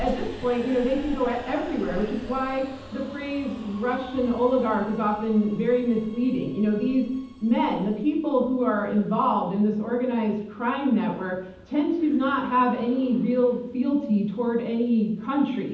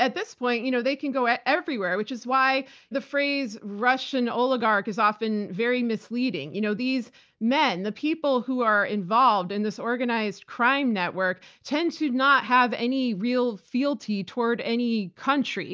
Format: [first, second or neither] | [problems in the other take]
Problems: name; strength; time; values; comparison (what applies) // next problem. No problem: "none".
second | background sound (Subway, metro, underground); 18 dB below the speech // room echo; dies away in 0.8 s